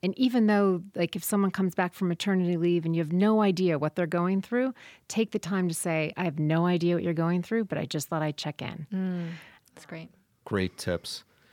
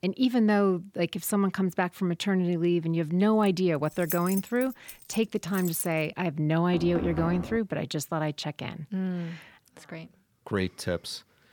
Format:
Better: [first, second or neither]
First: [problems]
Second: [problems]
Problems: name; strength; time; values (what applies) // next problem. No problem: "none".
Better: first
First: none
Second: jangling keys; noticeable; from 3.5 to 6 s; peak 5 dB below the speech // door banging; noticeable; at 6.5 s; peak 6 dB below the speech